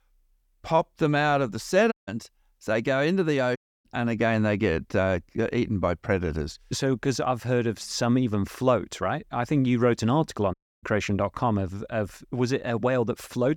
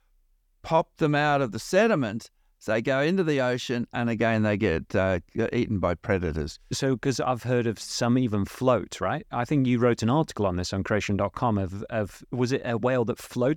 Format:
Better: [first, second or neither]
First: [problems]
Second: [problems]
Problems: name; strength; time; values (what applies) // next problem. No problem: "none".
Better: second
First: audio cutting out; at 2 s, at 3.5 s and at 11 s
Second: none